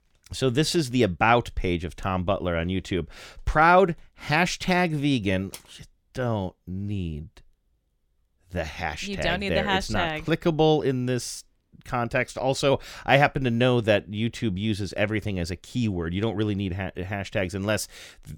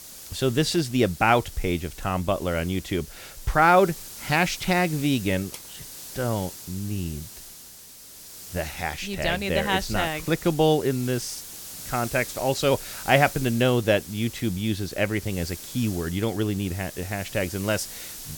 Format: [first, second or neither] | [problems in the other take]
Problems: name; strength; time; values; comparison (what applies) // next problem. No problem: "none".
first | hiss; noticeable; throughout; 15 dB below the speech